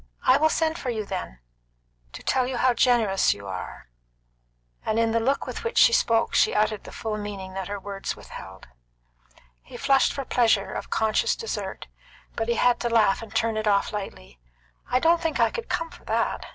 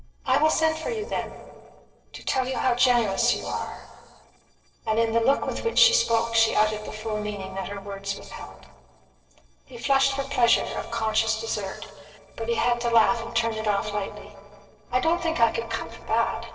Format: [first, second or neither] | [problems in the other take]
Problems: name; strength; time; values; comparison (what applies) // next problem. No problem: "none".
first | noise reduction (neural separator model SepFormer DNS4)